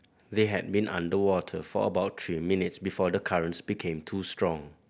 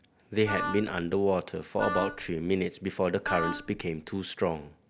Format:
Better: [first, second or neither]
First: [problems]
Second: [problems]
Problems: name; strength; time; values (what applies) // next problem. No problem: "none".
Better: first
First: none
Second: background sound (Wind instrument, woodwind instrument); 6 dB below the speech